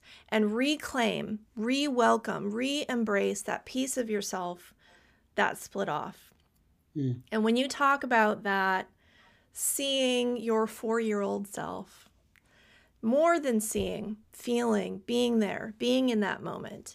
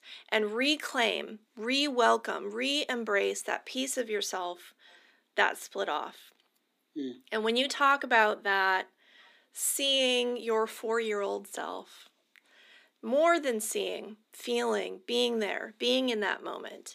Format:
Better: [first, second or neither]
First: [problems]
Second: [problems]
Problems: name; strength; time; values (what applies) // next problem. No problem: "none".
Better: first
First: none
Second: thin; very slightly; fading below 250 Hz